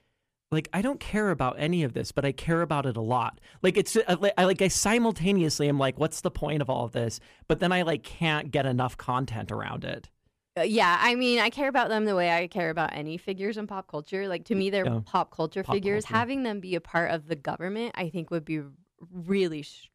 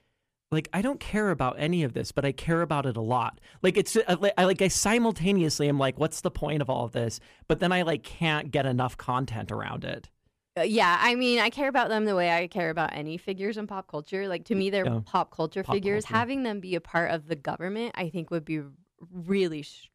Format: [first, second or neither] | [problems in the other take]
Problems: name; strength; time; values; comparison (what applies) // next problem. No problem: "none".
neither | none